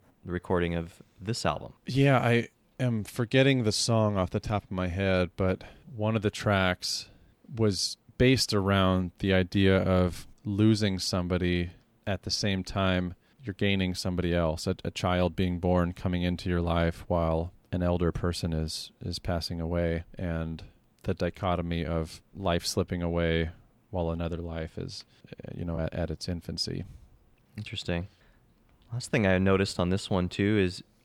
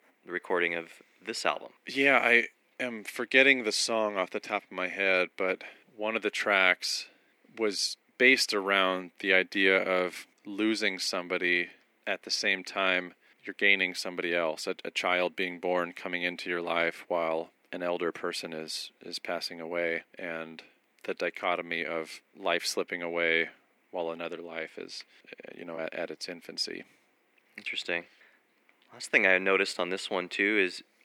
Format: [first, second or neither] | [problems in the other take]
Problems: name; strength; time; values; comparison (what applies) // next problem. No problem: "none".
first | thin; somewhat; fading below 300 Hz